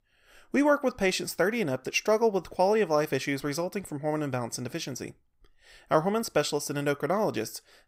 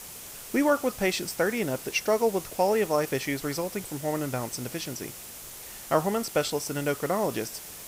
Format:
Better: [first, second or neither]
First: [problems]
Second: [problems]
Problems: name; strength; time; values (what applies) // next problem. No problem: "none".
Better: first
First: none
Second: hiss; noticeable; throughout; 10 dB below the speech